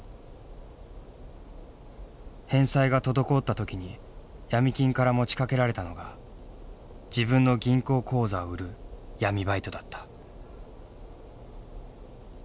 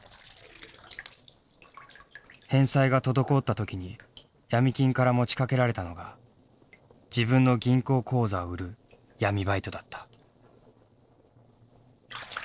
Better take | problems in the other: first | noise reduction (neural separator model SepFormer DNS4)

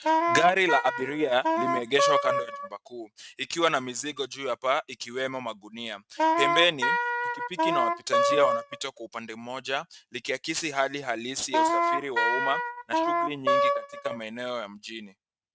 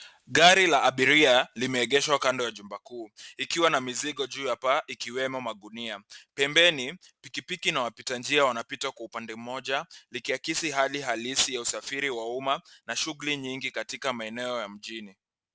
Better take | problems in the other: second | noise reduction (neural mask model RNNoise)

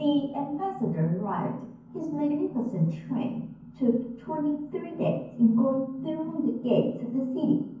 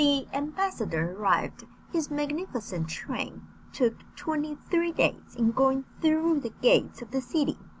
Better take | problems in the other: second | room echo; dies away in 0.9 s

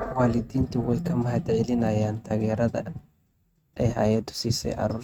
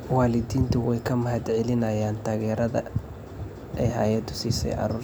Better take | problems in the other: second | noise reduction (neural mask model RNNoise)

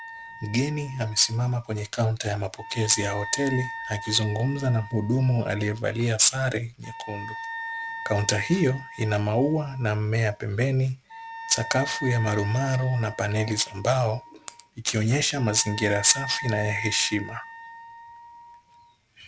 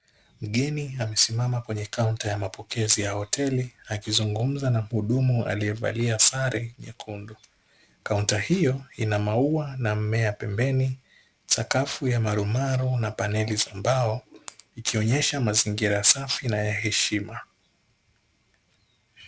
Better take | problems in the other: second | background sound (Wind instrument, woodwind instrument); 13 dB below the speech

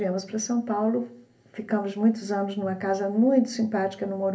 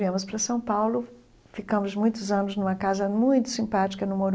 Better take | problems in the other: second | room echo; dies away in 0.3 s

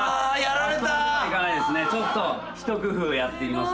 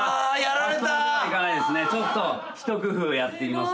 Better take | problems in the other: second | background sound (Trumpet + Bus); 17 dB below the speech

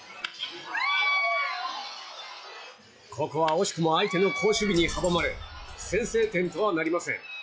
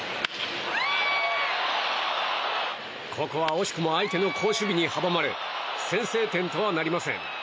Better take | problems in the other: second | noise reduction (classical method log-MMSE)

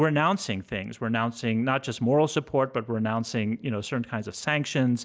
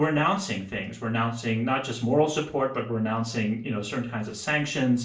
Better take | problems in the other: first | room echo; dies away in 0.4 s

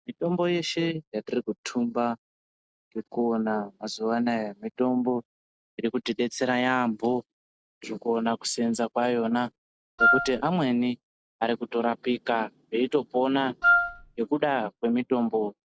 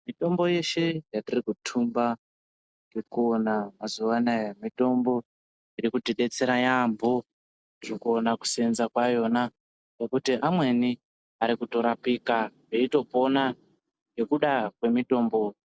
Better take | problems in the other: second | background sound (Wind instrument, woodwind instrument); 4 dB above the speech

